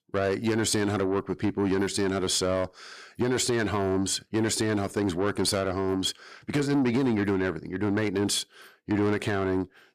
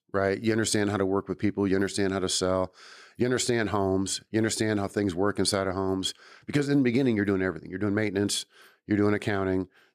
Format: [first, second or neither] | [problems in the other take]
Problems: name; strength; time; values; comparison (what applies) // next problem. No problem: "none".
second | distortion; slight; 10 dB below the speech